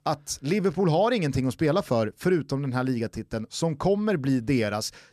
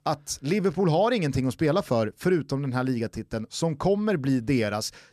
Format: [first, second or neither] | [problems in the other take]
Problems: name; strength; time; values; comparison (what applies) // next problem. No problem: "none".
neither | none